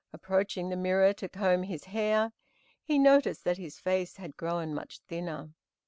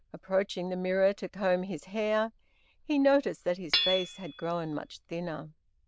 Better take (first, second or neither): first